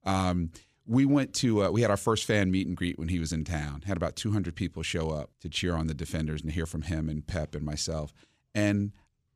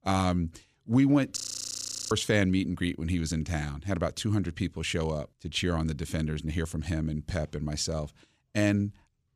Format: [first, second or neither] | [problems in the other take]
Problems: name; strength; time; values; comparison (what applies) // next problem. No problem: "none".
first | audio freezing; at 1.5 s for 0.5 s